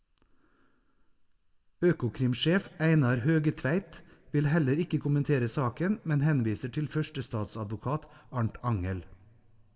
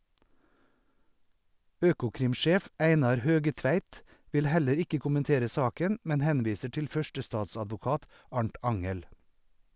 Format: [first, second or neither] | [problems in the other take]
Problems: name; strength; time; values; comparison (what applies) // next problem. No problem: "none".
second | room echo; dies away in 0.5 s